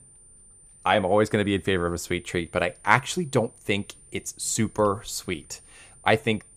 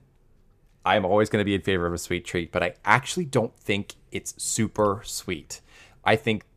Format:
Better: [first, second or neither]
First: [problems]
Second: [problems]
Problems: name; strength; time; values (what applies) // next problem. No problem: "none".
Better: second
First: high-pitched whine; faint; throughout; 9 kHz, 25 dB below the speech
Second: none